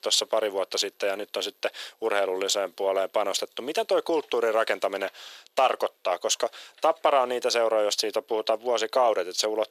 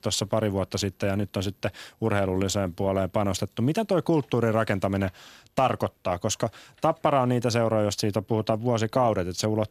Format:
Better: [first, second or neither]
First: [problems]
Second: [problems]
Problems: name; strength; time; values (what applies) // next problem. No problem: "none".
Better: second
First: thin; very; fading below 450 Hz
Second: none